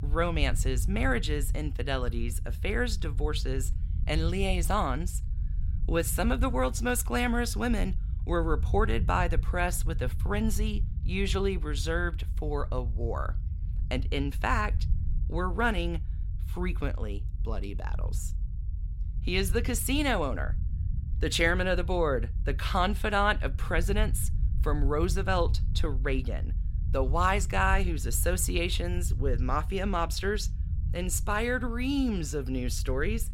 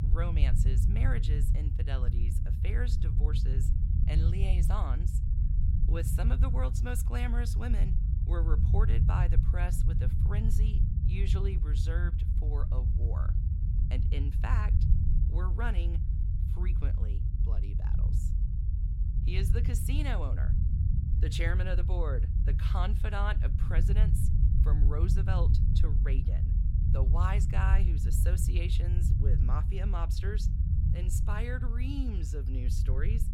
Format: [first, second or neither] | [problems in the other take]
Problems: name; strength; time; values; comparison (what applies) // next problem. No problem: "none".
first | low rumble; loud; throughout; 4 dB below the speech; faint in the first